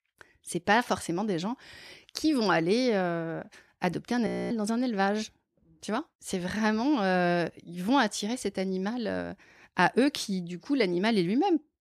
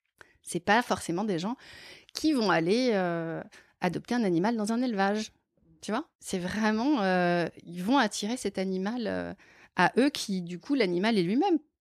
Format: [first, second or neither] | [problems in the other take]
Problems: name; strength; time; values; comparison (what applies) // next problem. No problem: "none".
second | audio freezing; at 4.5 s